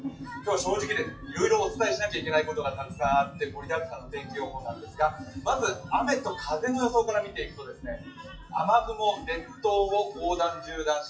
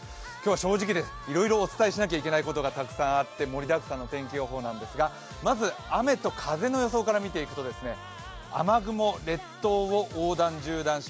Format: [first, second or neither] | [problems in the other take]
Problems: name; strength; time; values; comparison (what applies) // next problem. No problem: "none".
second | noise reduction (classical method WPE with log-MMSE)